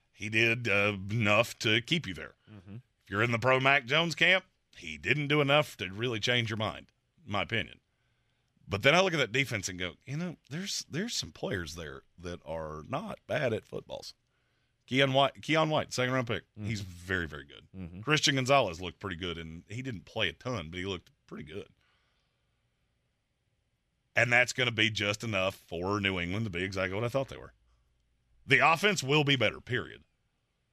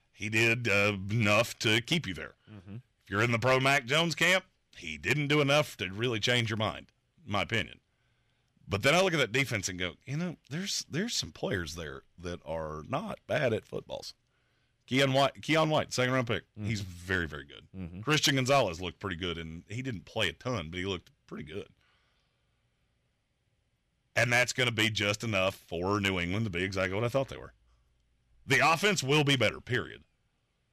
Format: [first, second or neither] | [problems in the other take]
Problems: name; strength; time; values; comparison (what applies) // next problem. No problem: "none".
first | distortion; slight; 1.9% of the sound clipped